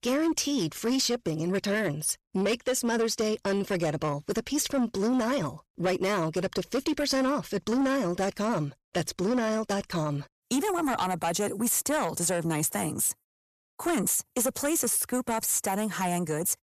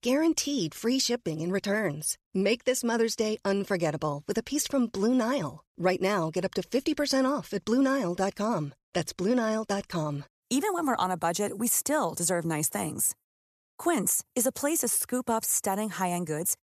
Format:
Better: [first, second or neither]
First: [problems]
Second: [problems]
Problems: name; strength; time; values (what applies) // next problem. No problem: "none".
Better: second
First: distortion; slight; 10 dB below the speech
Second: none